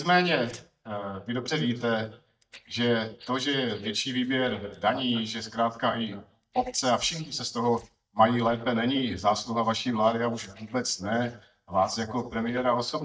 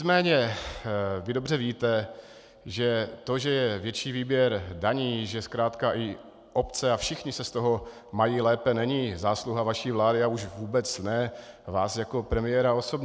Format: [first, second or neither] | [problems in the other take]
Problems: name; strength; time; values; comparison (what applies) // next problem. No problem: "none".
second | noise reduction (neural mask model DeepFilterNet 3)